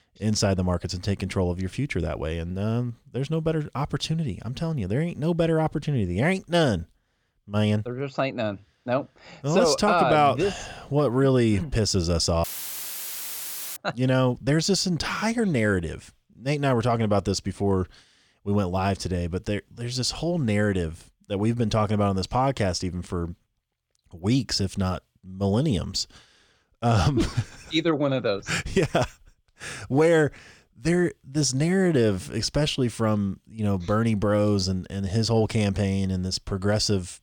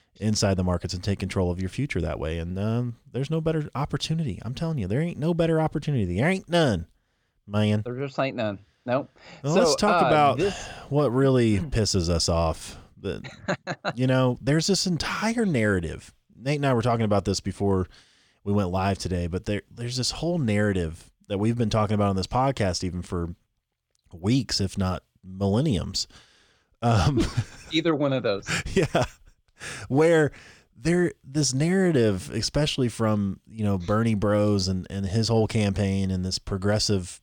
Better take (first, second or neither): second